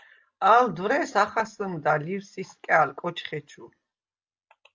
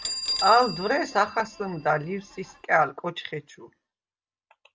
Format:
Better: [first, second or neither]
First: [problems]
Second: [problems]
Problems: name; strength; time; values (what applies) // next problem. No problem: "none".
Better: first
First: none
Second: background sound (Bell); 10 dB below the speech